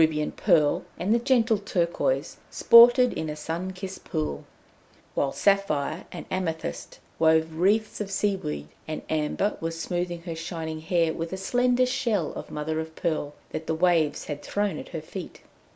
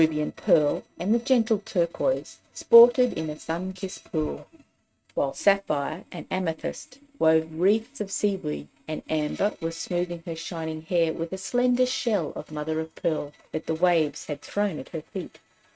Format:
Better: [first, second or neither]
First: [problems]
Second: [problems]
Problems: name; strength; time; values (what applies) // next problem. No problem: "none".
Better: first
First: none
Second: noise reduction (neural mask model RNNoise)